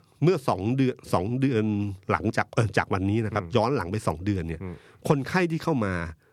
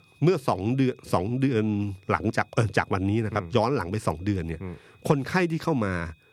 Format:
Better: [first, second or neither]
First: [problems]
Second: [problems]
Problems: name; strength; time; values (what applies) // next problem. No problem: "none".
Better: first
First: none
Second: high-pitched whine; faint; throughout; 2.5 kHz, 35 dB below the speech